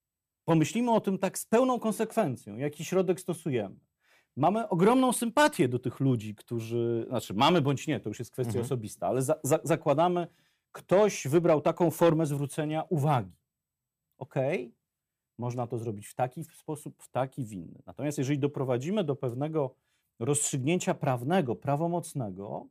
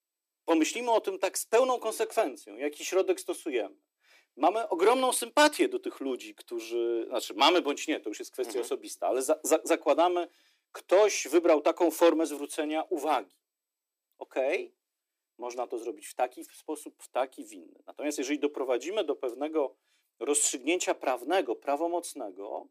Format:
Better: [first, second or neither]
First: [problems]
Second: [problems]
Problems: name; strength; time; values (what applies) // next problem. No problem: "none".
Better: first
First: none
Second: thin; somewhat; fading below 300 Hz